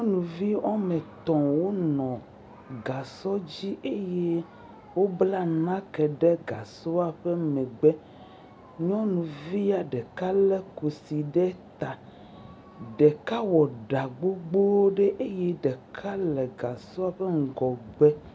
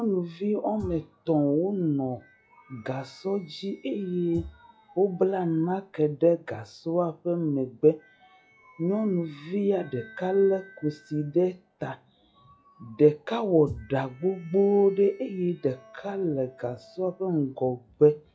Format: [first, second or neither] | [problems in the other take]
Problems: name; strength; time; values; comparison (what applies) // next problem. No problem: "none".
first | noise reduction (classical method log-MMSE)